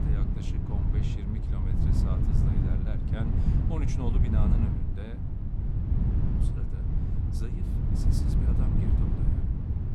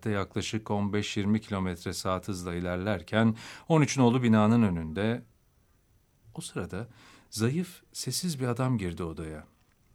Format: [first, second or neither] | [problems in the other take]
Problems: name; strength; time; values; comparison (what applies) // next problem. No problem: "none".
second | wind noise on the microphone; heavy; 5 dB above the speech